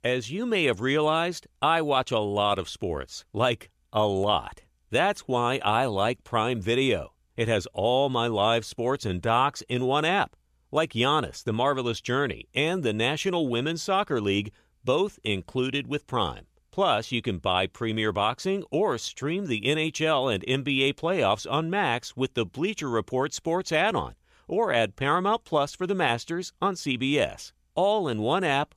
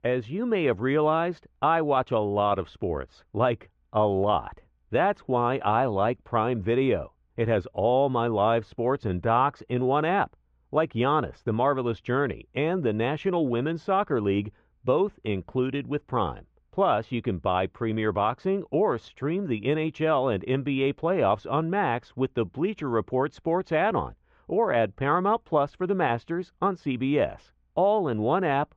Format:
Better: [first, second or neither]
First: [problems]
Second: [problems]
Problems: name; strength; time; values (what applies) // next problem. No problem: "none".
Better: first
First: none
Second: muffled; very; fading above 1.5 kHz